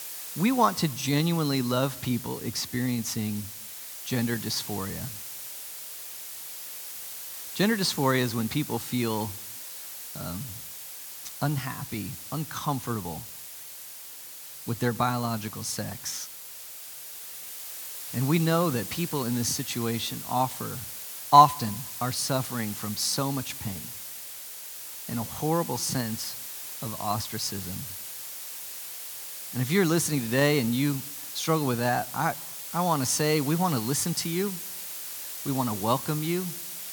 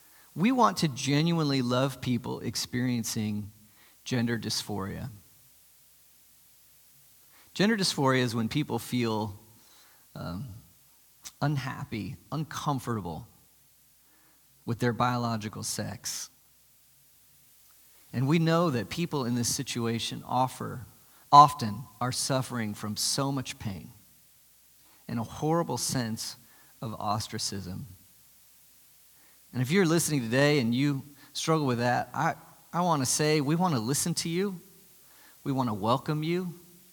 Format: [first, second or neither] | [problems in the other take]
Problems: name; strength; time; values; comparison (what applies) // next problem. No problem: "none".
second | hiss; loud; throughout; 8 dB below the speech; faint in the second